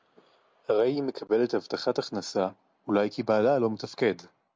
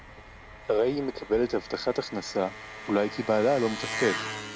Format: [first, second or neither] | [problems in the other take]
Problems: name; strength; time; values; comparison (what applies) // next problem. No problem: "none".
first | background sound (Engine); 10 dB below the speech